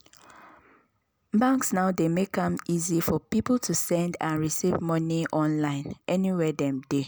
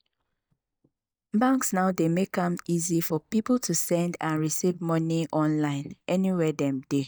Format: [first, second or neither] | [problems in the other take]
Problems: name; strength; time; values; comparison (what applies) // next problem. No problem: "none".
first | noise reduction (neural mask model DeepFilterNet 3)